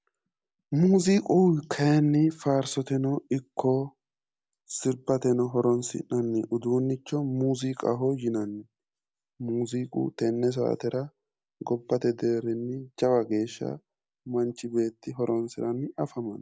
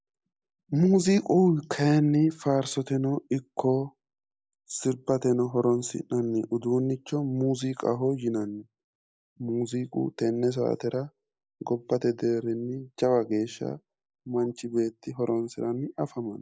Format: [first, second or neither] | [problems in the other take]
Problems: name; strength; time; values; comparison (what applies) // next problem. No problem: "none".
first | noise reduction (neural mask model Resemble Enhance denoiser)